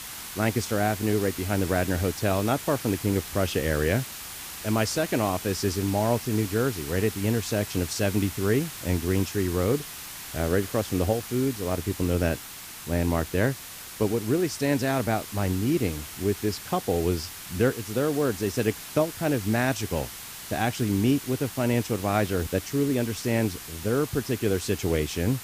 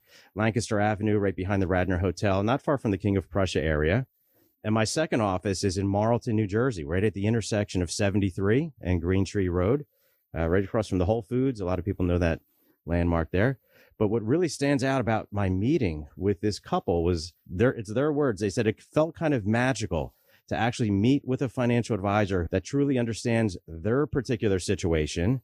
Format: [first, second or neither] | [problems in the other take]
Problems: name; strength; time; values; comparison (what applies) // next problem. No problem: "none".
second | hiss; loud; throughout; 10 dB below the speech